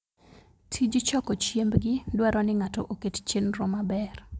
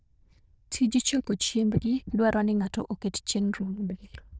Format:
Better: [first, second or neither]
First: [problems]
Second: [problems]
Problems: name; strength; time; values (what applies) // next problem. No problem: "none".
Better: first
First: none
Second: noise reduction (neural diffusion model UNIVERSE++)